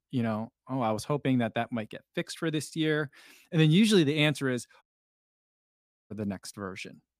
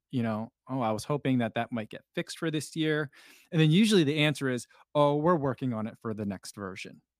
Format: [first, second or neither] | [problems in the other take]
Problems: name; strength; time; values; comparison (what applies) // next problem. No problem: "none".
second | audio cutting out; at 5 s for 1.5 s